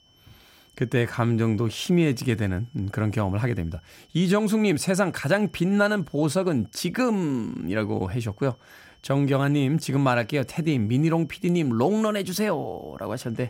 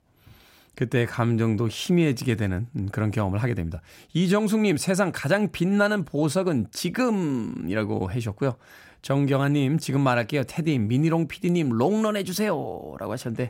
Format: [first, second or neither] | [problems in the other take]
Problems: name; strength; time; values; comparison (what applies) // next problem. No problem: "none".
second | high-pitched whine; faint; throughout; 3 kHz, 35 dB below the speech